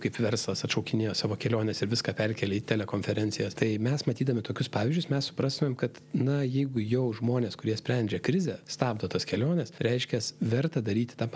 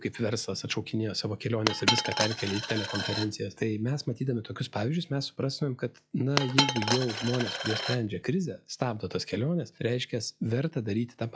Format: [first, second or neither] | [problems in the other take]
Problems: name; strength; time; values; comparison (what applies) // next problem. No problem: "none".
first | noise reduction (classical method log-MMSE)